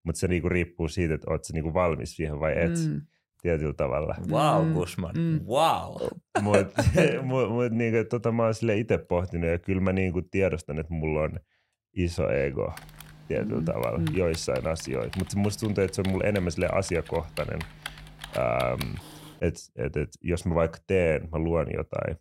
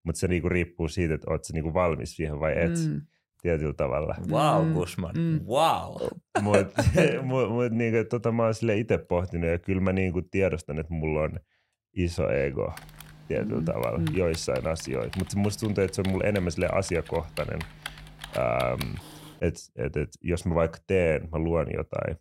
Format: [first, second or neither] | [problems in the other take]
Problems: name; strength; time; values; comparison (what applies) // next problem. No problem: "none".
neither | keyboard typing; faint; from 13 to 19 s; peak 10 dB below the speech; the same in both